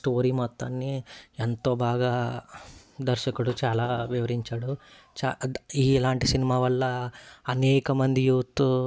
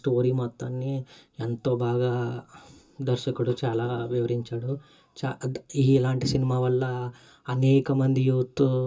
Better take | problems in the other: first | room echo; dies away in 0.2 s

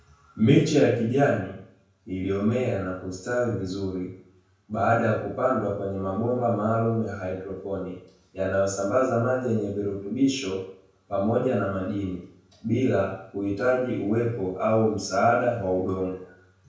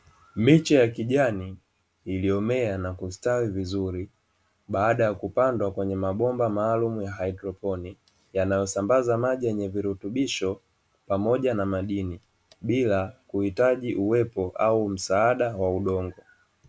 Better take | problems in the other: second | room echo; dies away in 0.5 s

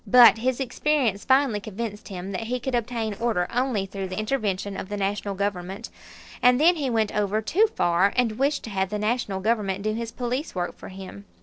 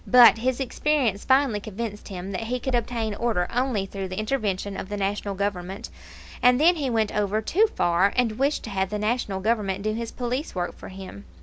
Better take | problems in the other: second | noise reduction (neural separator model SepFormer DNS4)

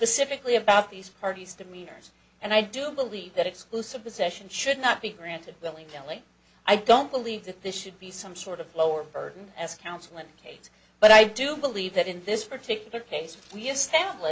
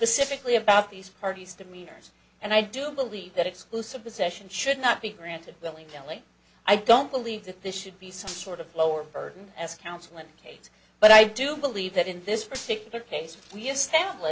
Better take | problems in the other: first | background sound (Gunshot, gunfire); 18 dB below the speech

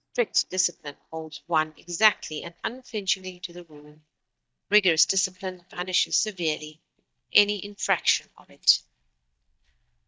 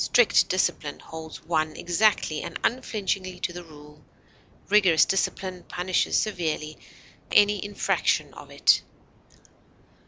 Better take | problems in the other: second | noise reduction (neural mask model DeepFilterNet 3)

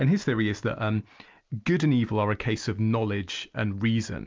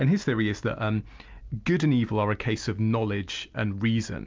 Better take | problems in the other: second | noise reduction (neural mask model Resemble Enhance denoiser)

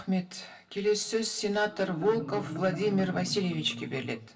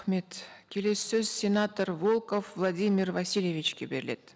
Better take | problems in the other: second | background sound (Marimba, xylophone); 11 dB below the speech // room echo; dies away in 0.2 s

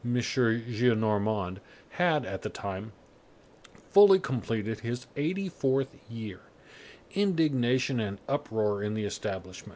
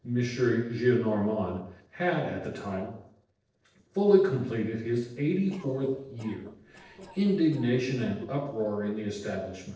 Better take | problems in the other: first | noise reduction (neural separator model SepFormer DNS4)

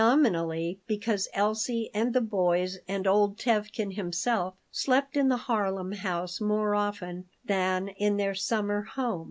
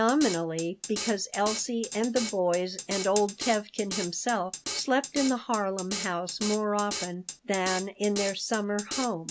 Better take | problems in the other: first | background sound (Drum kit); 9 dB below the speech

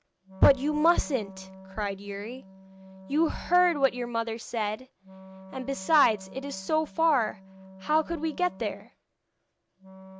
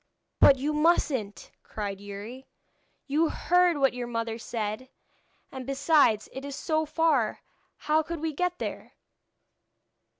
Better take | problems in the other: second | background sound (Wind instrument, woodwind instrument); 19 dB below the speech

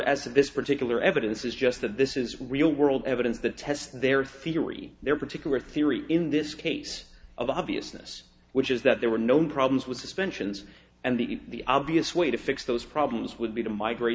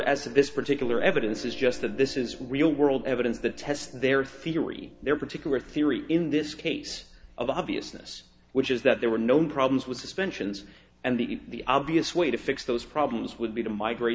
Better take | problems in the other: first | background sound (Piano); 16 dB below the speech

